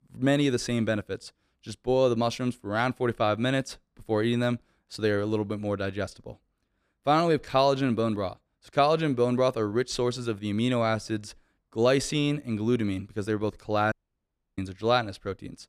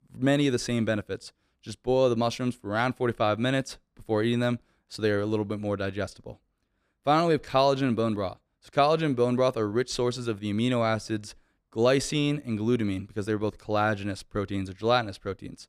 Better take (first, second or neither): second